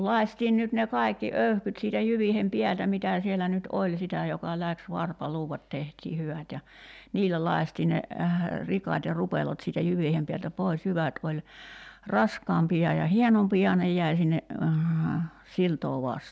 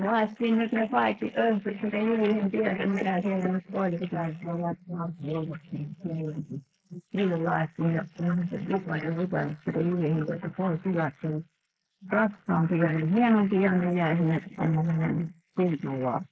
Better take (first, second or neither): first